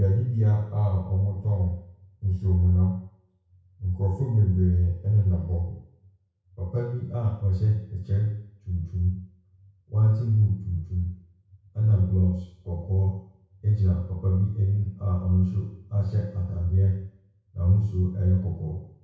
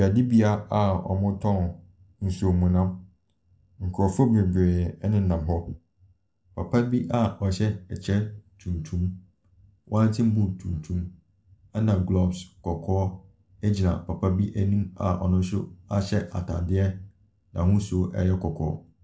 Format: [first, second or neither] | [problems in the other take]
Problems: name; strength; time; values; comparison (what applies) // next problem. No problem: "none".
second | room echo; dies away in 0.6 s